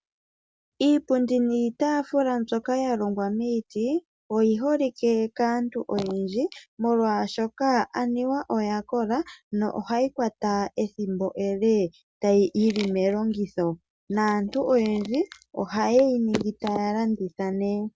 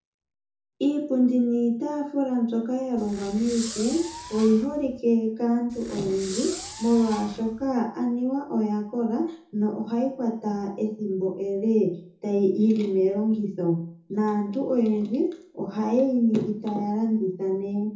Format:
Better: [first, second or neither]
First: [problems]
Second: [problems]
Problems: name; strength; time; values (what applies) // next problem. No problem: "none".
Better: first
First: none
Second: background sound (Fireworks); 14 dB below the speech // room echo; dies away in 0.6 s